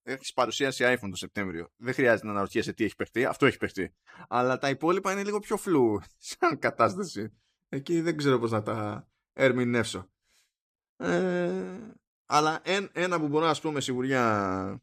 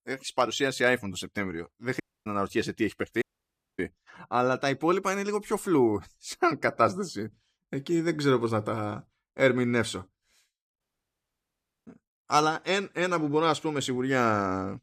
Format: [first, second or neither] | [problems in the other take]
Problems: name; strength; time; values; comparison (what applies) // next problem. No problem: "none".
first | audio cutting out; at 2 s, at 3 s for 0.5 s and at 11 s for 1 s